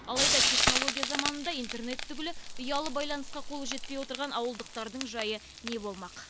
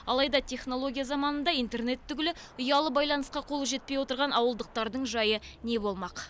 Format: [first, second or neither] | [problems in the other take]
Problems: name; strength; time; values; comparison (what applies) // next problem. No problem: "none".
second | background sound (Frying (food)); 3 dB above the speech